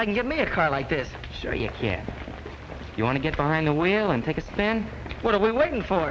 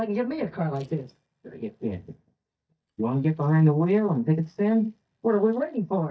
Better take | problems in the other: first | noise reduction (neural mask model DeepFilterNet 3)

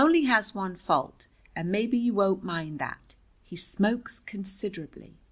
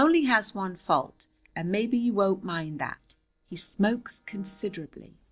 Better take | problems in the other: first | noise reduction (neural separator model SepFormer DNS4)

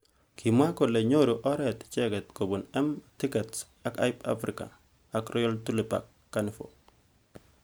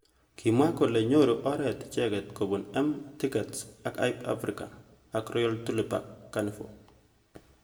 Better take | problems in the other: first | room echo; dies away in 0.7 s

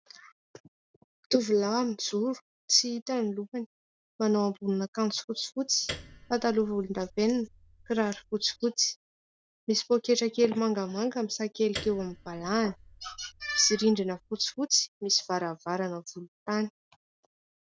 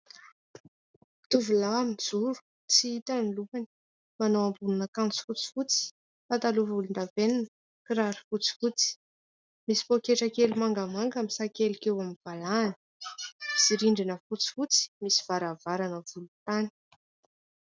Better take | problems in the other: second | background sound (Piano); 17 dB below the speech

